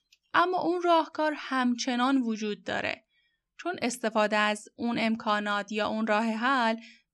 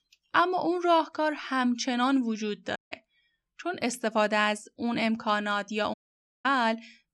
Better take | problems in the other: first | audio cutting out; at 3 s and at 6 s for 0.5 s

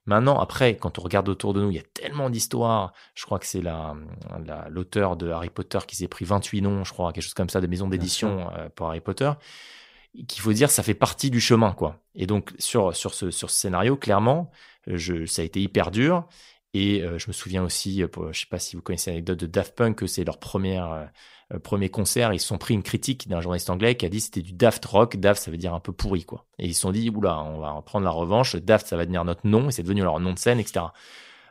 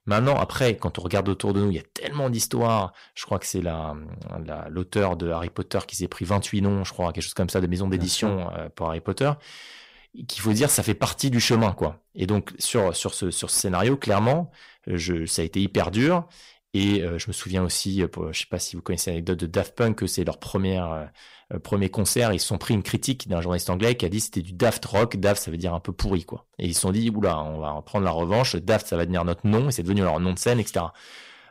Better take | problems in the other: first | distortion; slight; 4% of the sound clipped

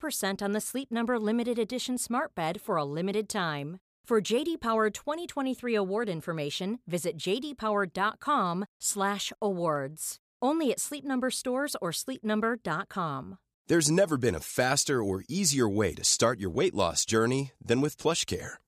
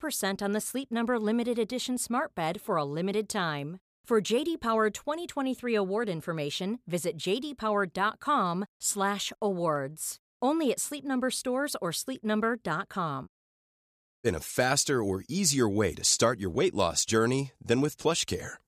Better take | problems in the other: first | audio cutting out; at 13 s for 1 s

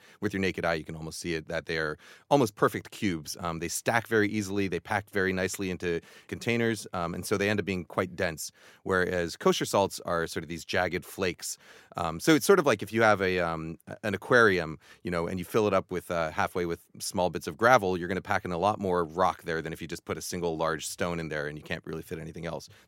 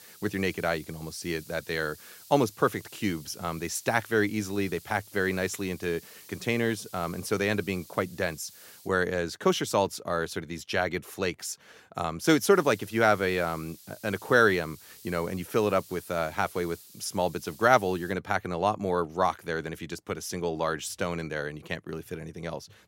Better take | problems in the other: first | hiss; faint; until 9 s and from 13 to 18 s; 20 dB below the speech

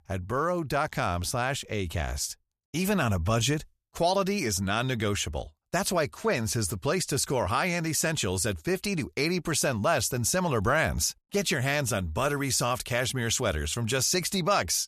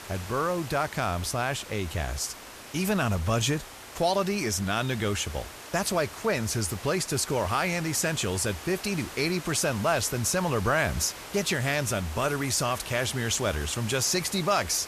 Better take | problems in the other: first | hiss; noticeable; throughout; 15 dB below the speech

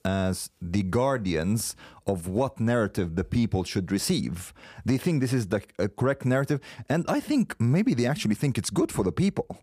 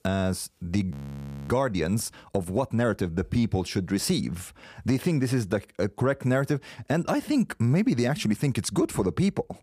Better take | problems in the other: first | audio freezing; at 1 s for 0.5 s

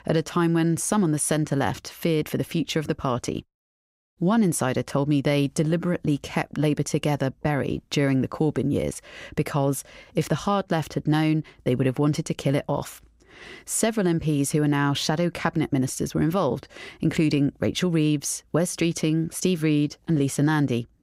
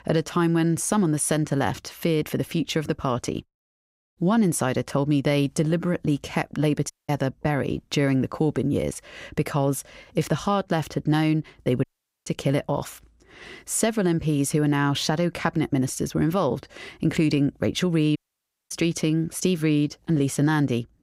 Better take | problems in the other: first | audio cutting out; at 7 s, at 12 s and at 18 s for 0.5 s

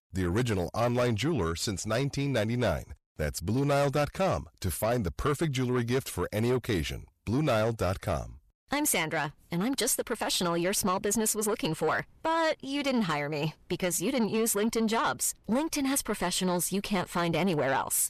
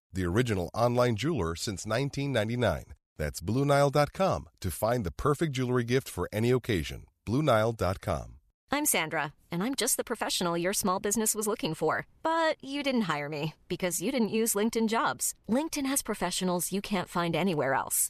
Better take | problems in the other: second | distortion; slight; 10 dB below the speech

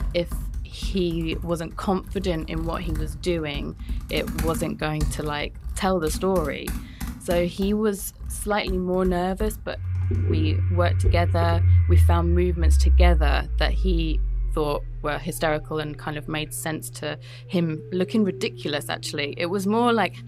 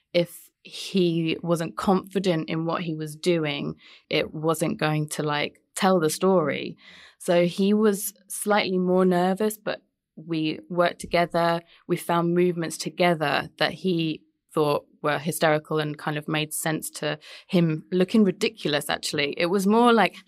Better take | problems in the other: second | household noises; very loud; throughout; as loud as the speech

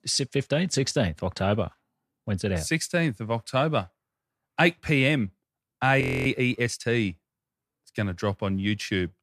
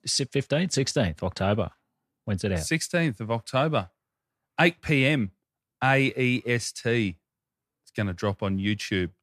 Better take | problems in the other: second | audio freezing; at 6 s

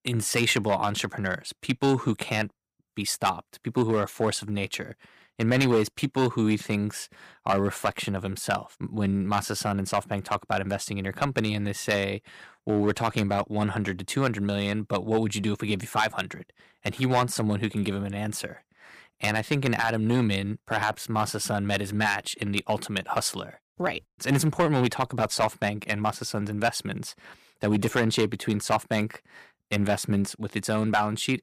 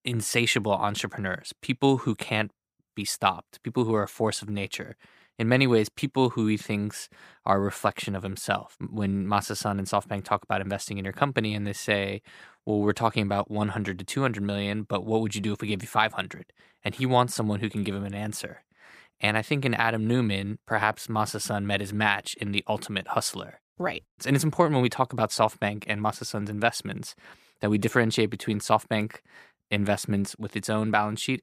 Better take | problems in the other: second | distortion; slight; 2% of the sound clipped

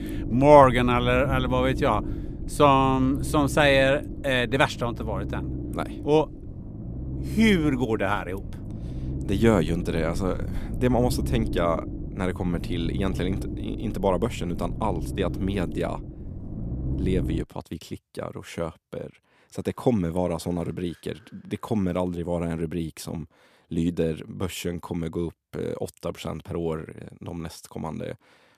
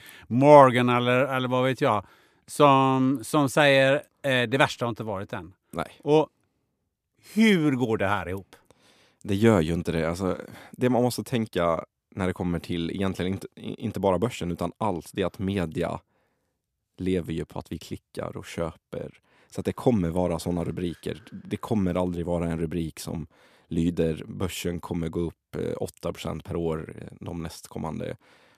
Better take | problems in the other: second | low rumble; noticeable; until 17 s; 15 dB below the speech

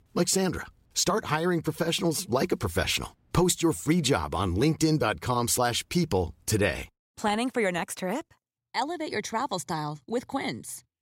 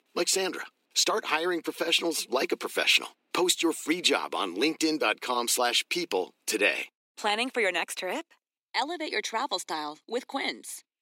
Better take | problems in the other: first | thin; somewhat; fading below 250 Hz

